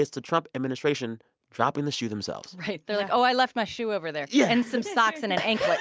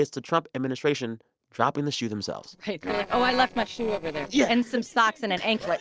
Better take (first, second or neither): first